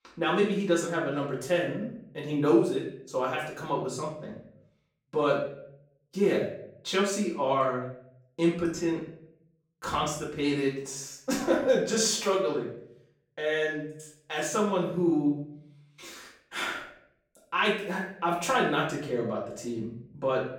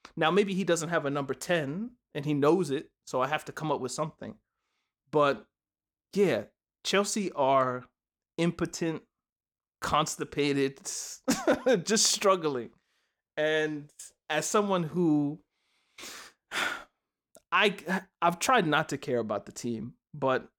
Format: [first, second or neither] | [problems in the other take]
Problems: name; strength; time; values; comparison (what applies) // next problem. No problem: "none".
second | off-mic speech; far // room echo; noticeable; dies away in 0.6 s